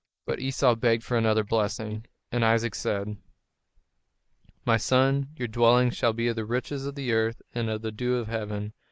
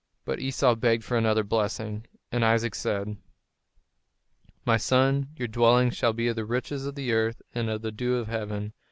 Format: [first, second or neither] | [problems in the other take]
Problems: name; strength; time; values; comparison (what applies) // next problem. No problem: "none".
second | noise reduction (neural mask model Resemble Enhance denoiser)